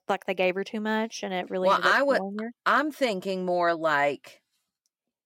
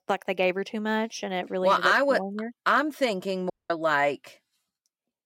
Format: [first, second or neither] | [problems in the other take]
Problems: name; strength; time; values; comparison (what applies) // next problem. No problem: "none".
first | audio cutting out; at 3.5 s